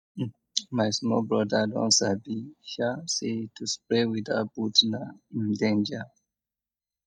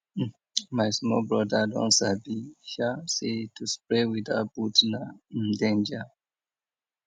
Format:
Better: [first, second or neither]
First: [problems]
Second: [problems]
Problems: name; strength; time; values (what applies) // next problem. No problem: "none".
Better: second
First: noise reduction (neural mask model DeepFilterNet 3)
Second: none